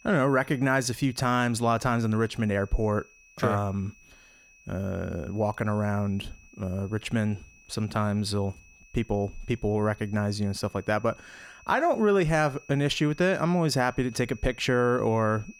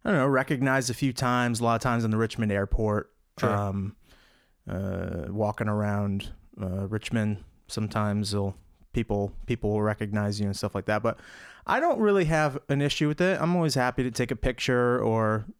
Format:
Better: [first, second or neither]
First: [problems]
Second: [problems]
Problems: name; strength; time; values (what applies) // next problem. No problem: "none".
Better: second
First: high-pitched whine; faint; throughout; 2.5 kHz, 25 dB below the speech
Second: none